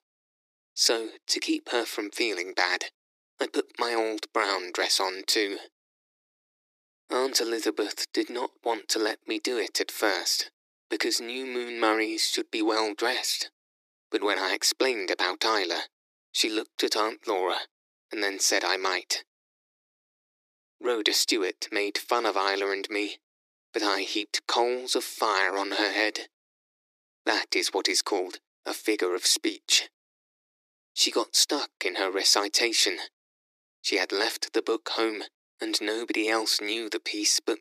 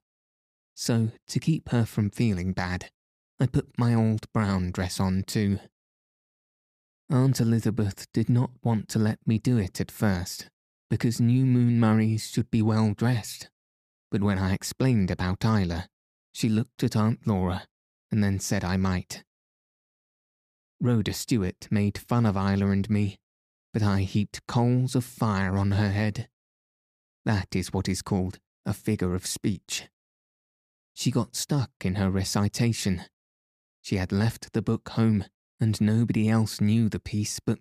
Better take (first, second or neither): second